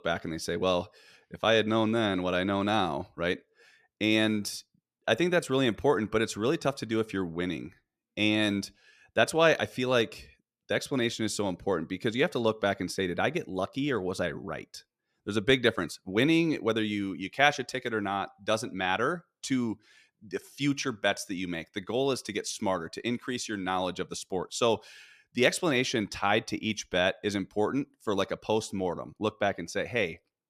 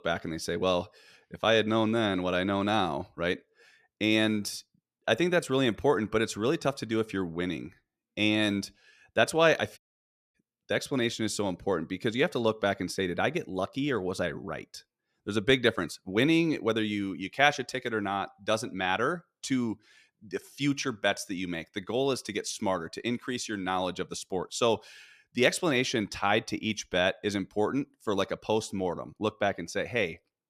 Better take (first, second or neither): first